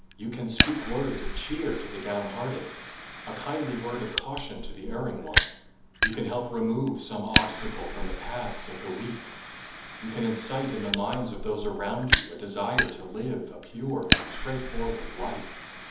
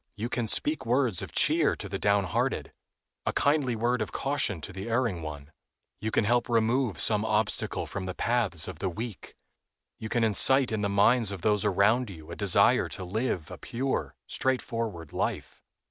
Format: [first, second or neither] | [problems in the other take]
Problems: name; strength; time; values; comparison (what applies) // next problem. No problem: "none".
second | background sound (Fire); 1 dB above the speech // room echo; dies away in 1.3 s